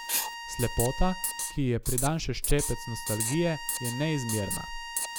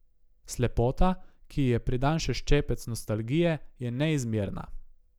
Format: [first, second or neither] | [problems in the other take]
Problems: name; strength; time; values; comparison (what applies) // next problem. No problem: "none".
second | background sound (Bowed string instrument + Writing); 5 dB below the speech